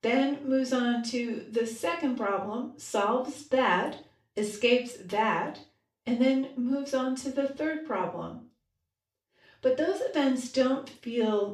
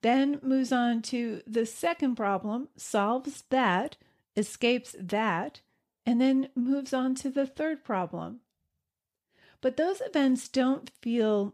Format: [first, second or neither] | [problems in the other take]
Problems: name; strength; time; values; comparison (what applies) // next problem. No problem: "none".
second | room echo; slight; dies away in 0.3 s // off-mic speech; far